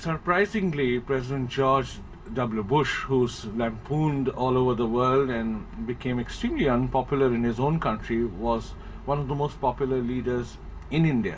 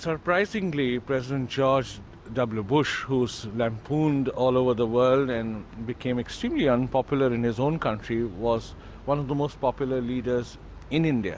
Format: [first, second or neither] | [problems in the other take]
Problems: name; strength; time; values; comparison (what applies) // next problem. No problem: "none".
second | room echo; dies away in 0.2 s